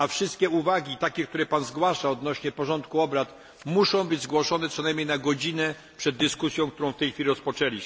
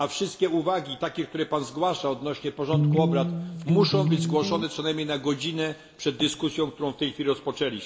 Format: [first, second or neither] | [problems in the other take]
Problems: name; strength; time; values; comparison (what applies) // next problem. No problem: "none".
first | background sound (Electric guitar); 2 dB above the speech // room echo; dies away in 0.9 s